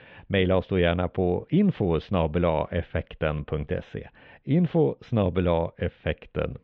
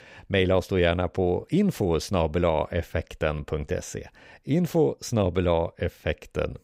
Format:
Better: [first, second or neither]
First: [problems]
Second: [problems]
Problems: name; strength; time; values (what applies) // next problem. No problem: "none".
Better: second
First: muffled; very; fading above 3.5 kHz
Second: none